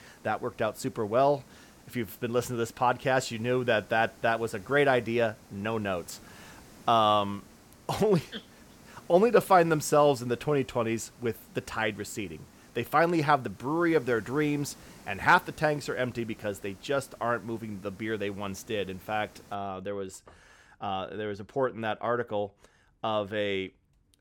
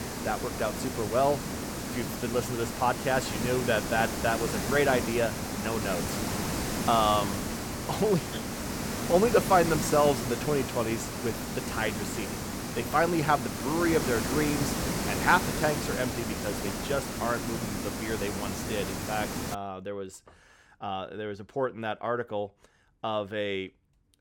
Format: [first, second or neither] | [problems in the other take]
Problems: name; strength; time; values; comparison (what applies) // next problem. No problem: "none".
first | hiss; loud; until 20 s; 3 dB below the speech; faint in the first